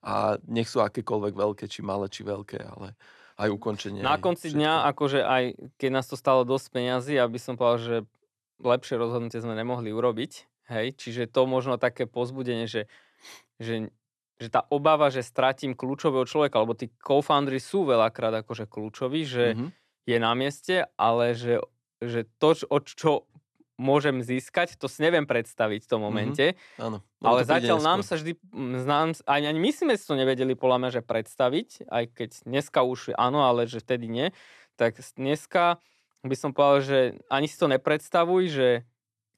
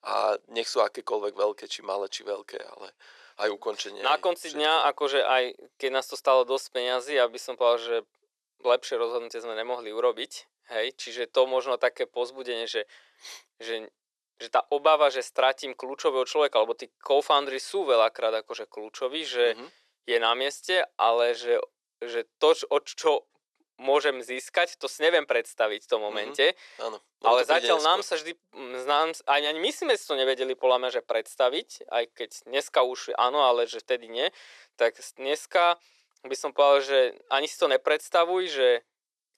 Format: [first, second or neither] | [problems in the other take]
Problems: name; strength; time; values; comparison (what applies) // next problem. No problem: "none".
first | thin; very; fading below 450 Hz